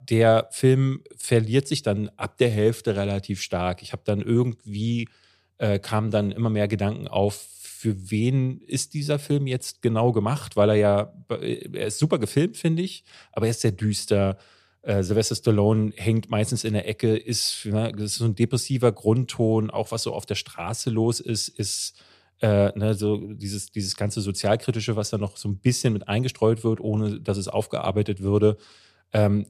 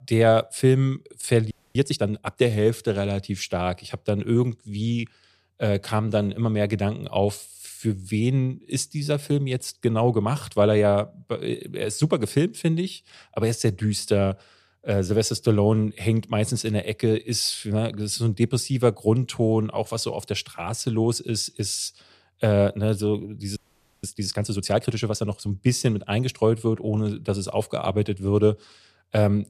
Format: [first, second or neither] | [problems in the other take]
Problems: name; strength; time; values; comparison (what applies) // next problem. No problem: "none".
first | audio freezing; at 1.5 s and at 24 s